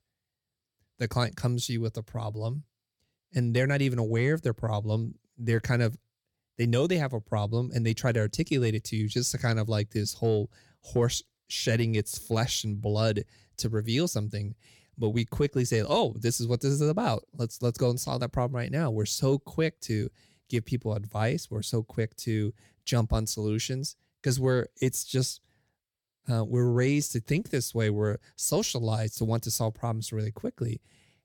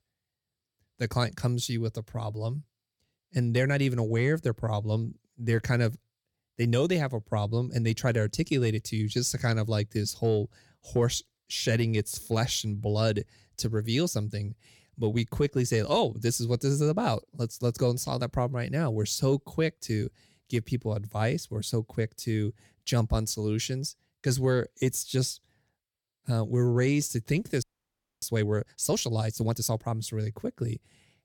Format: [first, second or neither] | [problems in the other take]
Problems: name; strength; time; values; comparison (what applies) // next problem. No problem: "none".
first | audio freezing; at 28 s for 0.5 s